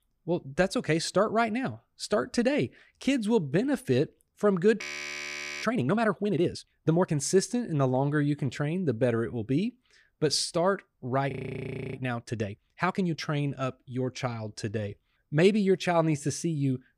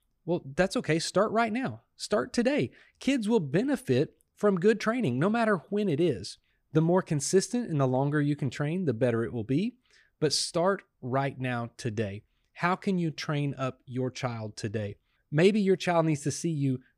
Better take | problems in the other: second | audio freezing; at 5 s for 1 s and at 11 s for 0.5 s

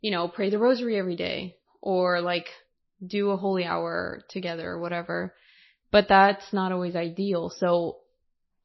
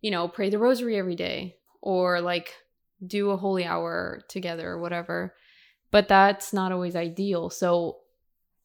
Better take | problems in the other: second | garbled, watery; slightly; nothing above 5.5 kHz

